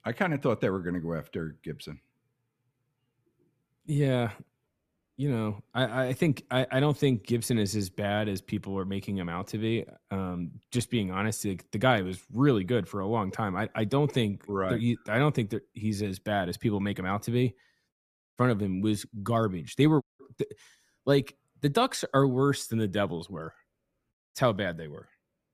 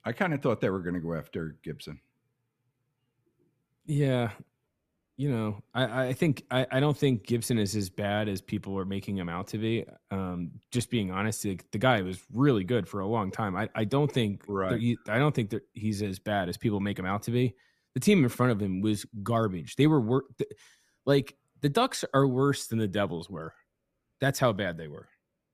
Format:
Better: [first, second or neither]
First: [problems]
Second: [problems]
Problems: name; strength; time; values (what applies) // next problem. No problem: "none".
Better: second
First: audio cutting out; at 18 s, at 20 s and at 24 s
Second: none